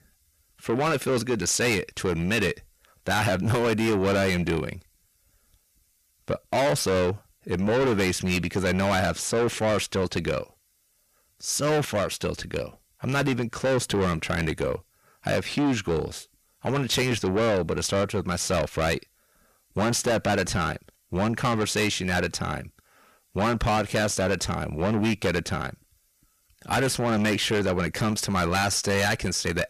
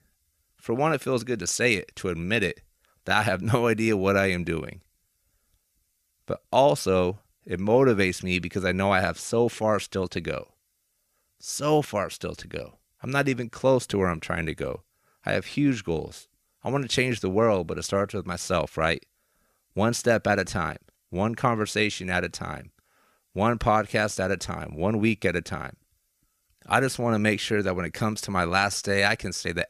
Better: second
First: distortion; heavy; 6 dB below the speech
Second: none

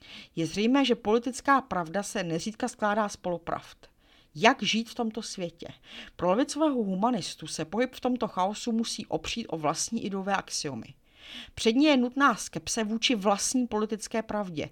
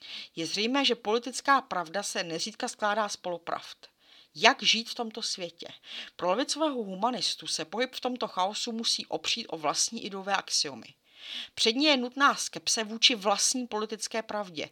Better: first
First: none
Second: thin; very slightly; fading below 1 kHz

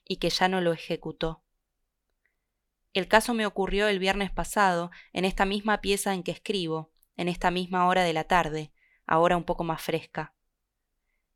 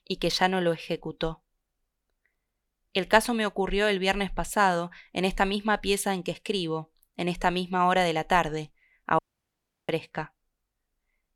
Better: first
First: none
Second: audio cutting out; at 9 s for 0.5 s

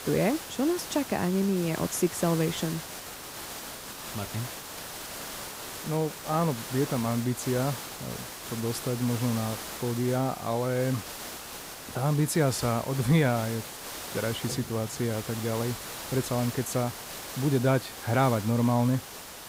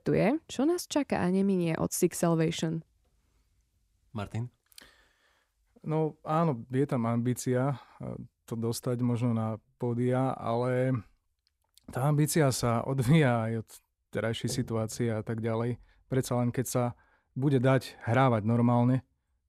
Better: second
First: hiss; loud; throughout; 9 dB below the speech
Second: none

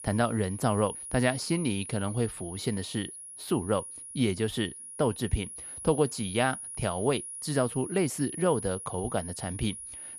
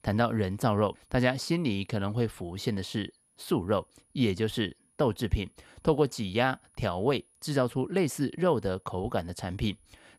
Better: second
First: high-pitched whine; loud; throughout; 10.5 kHz, 9 dB below the speech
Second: high-pitched whine; faint; throughout; 10.5 kHz, 35 dB below the speech

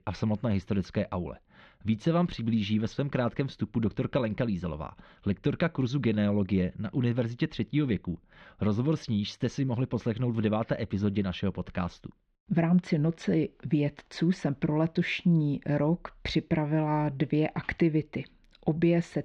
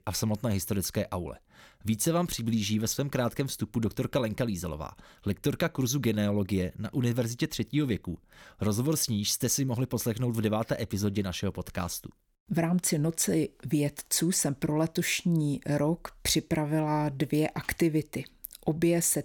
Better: second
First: muffled; very; fading above 3.5 kHz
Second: none

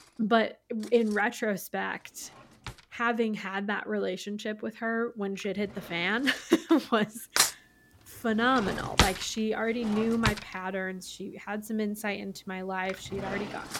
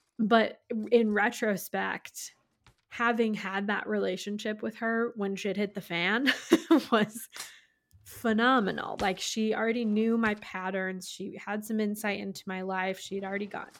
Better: second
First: household noises; loud; throughout; 1 dB below the speech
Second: household noises; faint; throughout; 20 dB below the speech

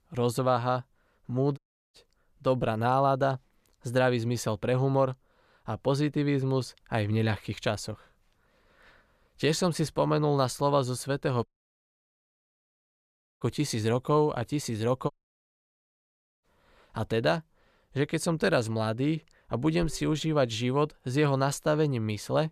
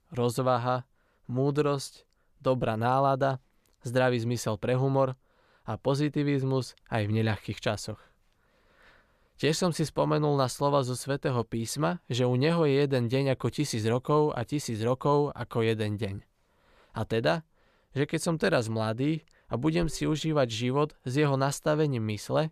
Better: second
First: audio cutting out; at 1.5 s, at 11 s for 2 s and at 15 s for 1.5 s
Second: none

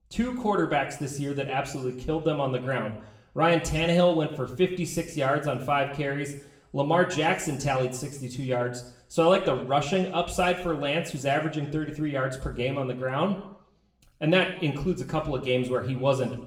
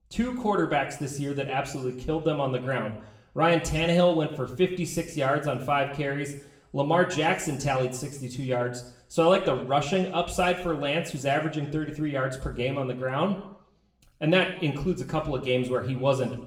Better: neither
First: room echo; slight; dies away in 0.7 s // off-mic speech; far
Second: room echo; slight; dies away in 0.7 s // off-mic speech; far

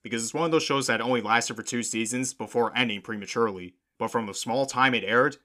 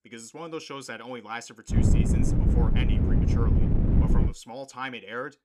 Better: first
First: none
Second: wind noise on the microphone; heavy; from 1.5 to 4.5 s; 2 dB above the speech

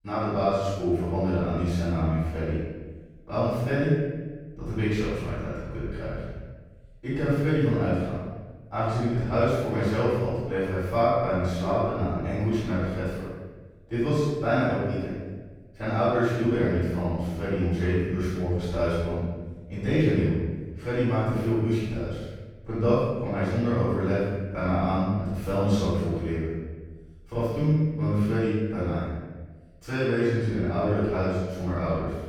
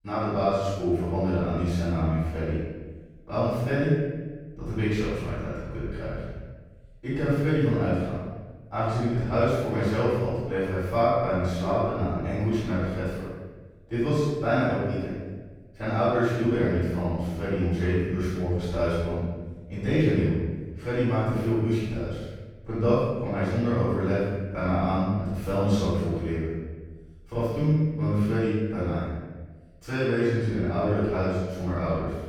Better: neither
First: off-mic speech; far // room echo; strong; dies away in 1.1 s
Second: off-mic speech; far // room echo; strong; dies away in 1.1 s

